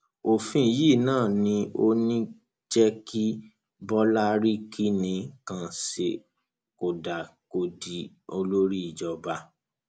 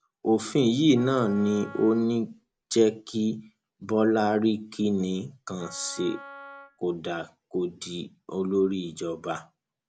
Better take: first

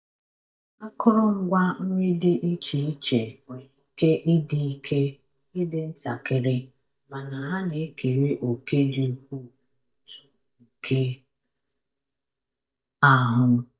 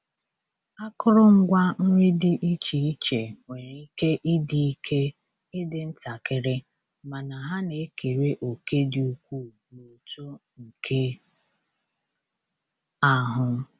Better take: second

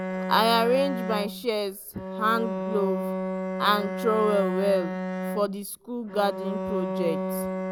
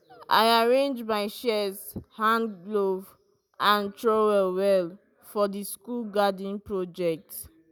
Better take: second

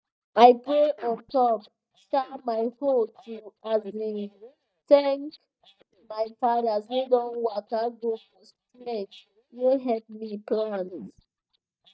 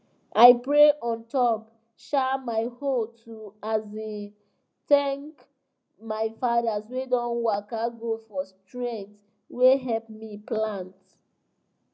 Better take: second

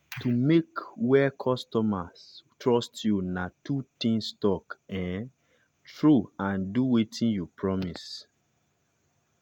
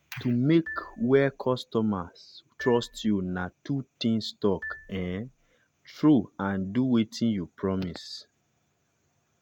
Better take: first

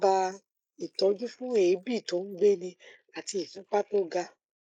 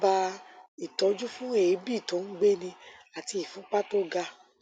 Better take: second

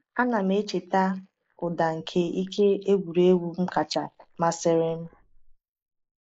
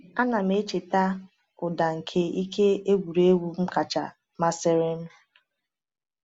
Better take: second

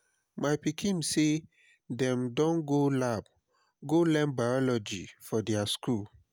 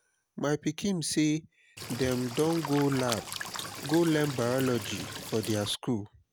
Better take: first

